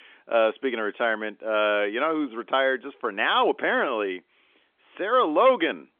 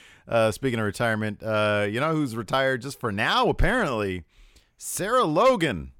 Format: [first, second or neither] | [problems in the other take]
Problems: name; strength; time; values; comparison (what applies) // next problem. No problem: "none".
second | phone-call audio; nothing above 3.5 kHz